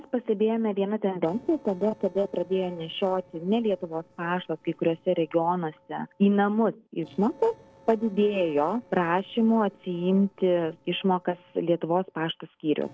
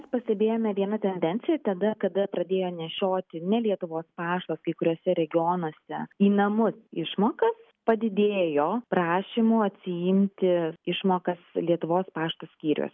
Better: second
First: noise reduction (neural separator model SepFormer DNS4)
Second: none

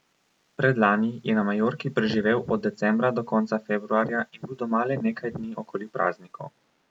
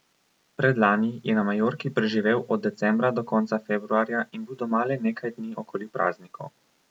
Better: second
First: noise reduction (neural mask model Resemble Enhance denoiser)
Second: none

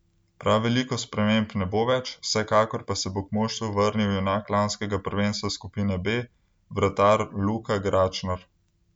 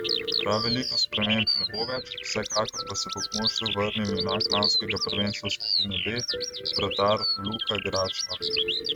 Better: first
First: none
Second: noise reduction (neural mask model RNNoise)

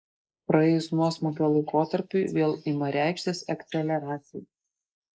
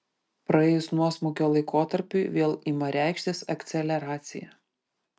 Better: second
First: noise reduction (neural mask model Resemble Enhance denoiser)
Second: none

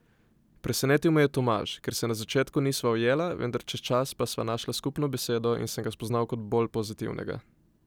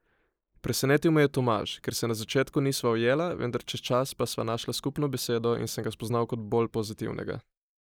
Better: first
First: none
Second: noise reduction (neural mask model Resemble Enhance denoiser)

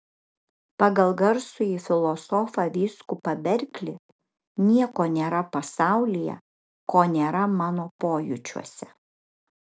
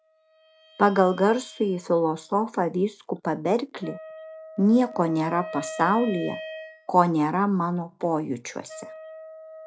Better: first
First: none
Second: noise reduction (classical method log-MMSE)

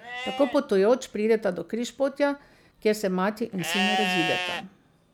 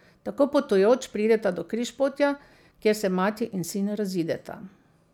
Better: second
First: background sound (Livestock, farm animals, working animals); 7 dB below the speech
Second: none

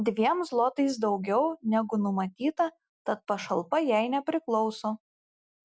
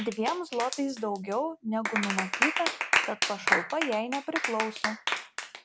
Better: first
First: none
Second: background sound (Clapping); as loud as the speech

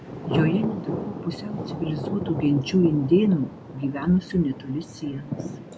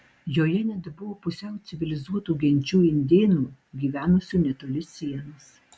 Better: second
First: background sound (Thunder); 7 dB below the speech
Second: none

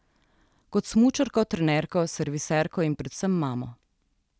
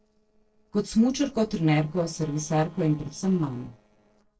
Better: first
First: none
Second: noise reduction (neural separator model SepFormer DNS4)

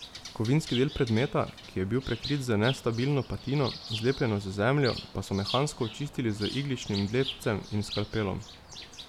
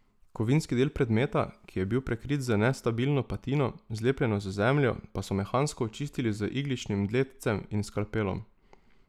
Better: second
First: background sound (Bird); 13 dB below the speech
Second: none

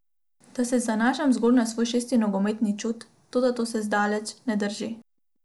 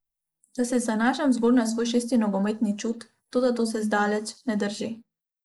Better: first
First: none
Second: noise reduction (neural mask model Resemble Enhance denoiser)

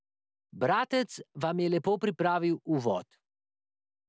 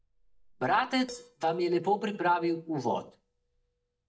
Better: first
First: none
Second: noise reduction (neural mask model DeepFilterNet 3)

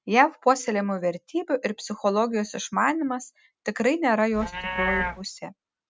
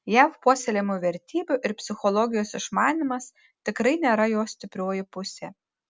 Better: second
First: noise reduction (neural mask model RNNoise)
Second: none

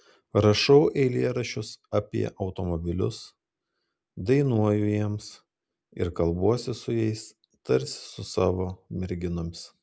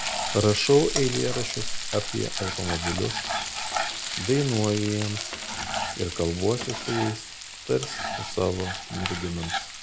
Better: first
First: none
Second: background sound (Frying (food)); 4 dB below the speech

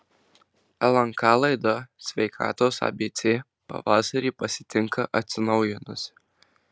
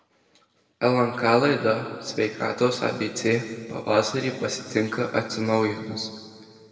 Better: first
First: none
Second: room echo; dies away in 1.7 s

